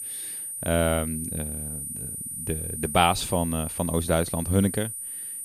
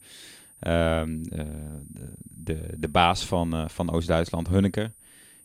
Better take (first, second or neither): second